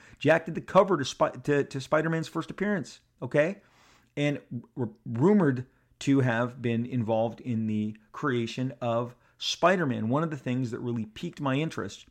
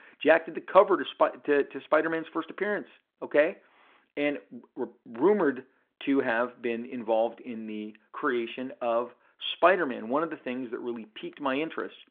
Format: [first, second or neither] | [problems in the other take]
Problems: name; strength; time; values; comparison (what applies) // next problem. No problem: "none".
first | phone-call audio; nothing above 3.5 kHz